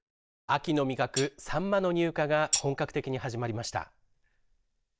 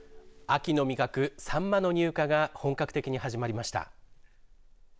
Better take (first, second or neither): second